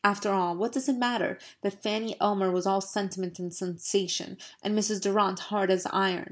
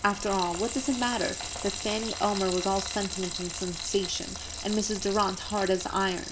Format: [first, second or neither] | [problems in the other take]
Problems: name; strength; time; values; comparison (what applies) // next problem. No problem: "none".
first | background sound (Frying (food)); 7 dB below the speech